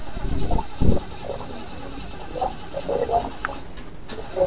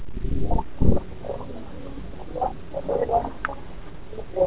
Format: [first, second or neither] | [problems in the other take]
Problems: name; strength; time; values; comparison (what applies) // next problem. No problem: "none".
second | background sound (Engine starting / Car); 19 dB below the speech